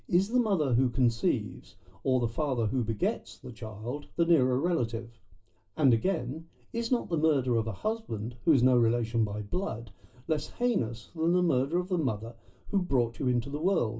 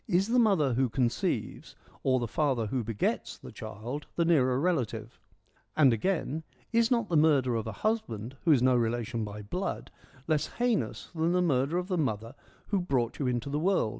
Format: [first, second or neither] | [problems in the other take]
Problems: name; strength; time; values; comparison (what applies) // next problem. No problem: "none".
second | room echo; dies away in 0.2 s